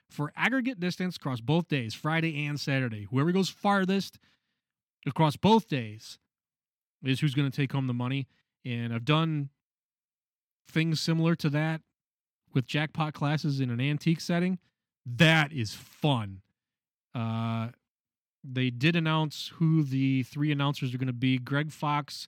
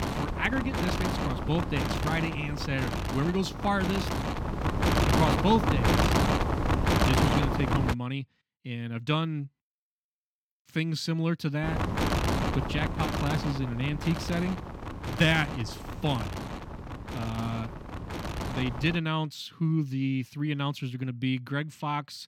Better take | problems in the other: first | wind noise on the microphone; heavy; until 8 s and from 12 to 19 s; 1 dB above the speech

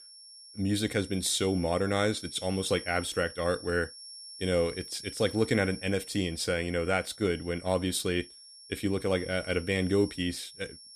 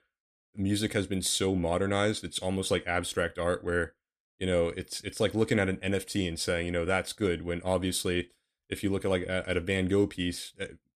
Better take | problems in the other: second | high-pitched whine; noticeable; throughout; 5.5 kHz, 15 dB below the speech

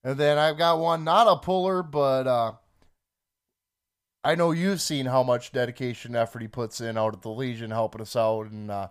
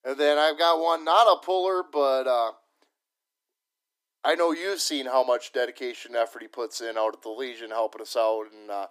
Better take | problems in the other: first | thin; somewhat; fading below 300 Hz

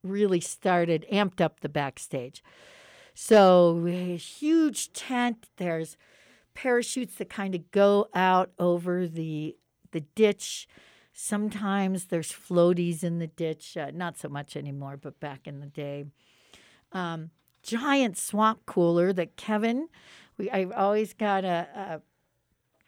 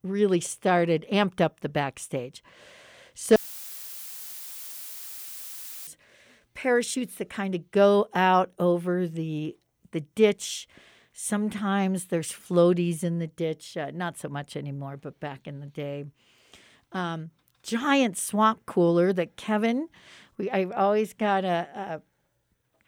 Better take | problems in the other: first | audio cutting out; filled with static; at 3.5 s for 2.5 s

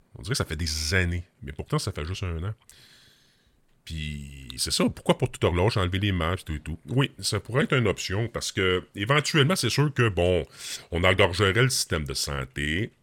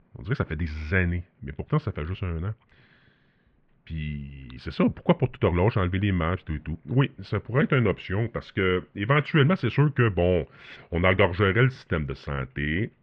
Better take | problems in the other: first | muffled; very; fading above 2.5 kHz

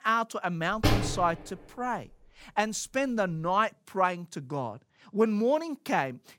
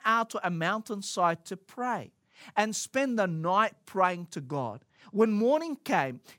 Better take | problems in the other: second | door banging; loud; at 1 s; peak 3 dB above the speech

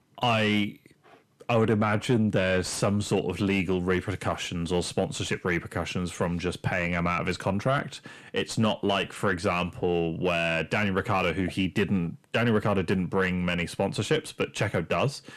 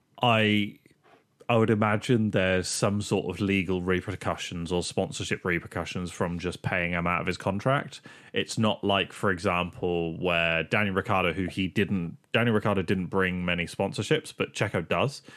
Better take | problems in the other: second | distortion; slight; 10 dB below the speech

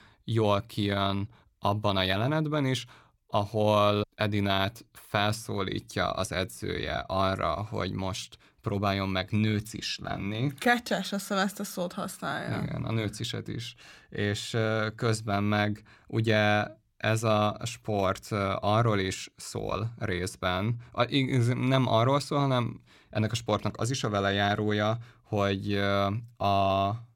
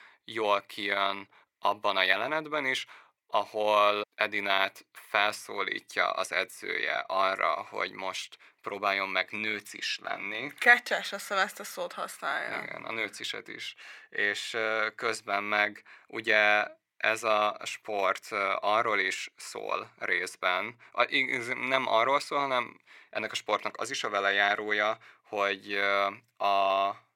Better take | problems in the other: first | thin; very; fading below 500 Hz

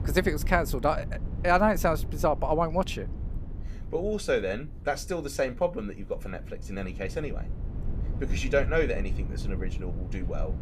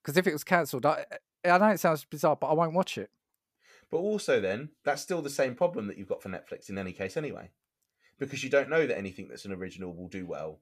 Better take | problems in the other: second | low rumble; faint; throughout; 20 dB below the speech

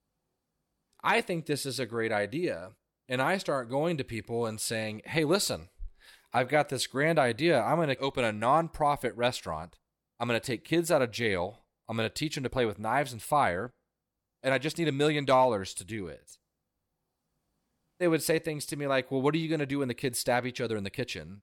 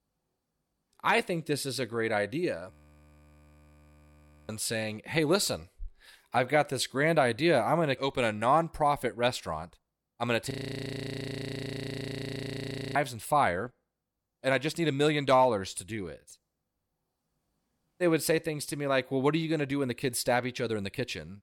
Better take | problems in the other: first | audio freezing; at 2.5 s for 2 s and at 11 s for 2.5 s

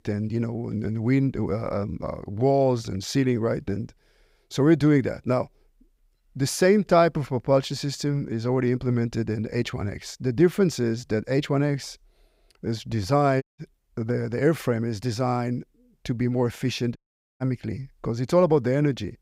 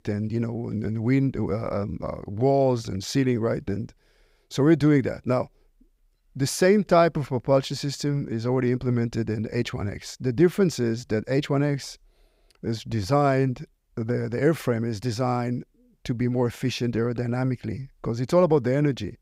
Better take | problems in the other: second | audio cutting out; at 13 s and at 17 s

